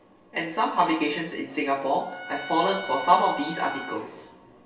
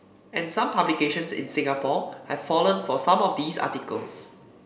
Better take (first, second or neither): second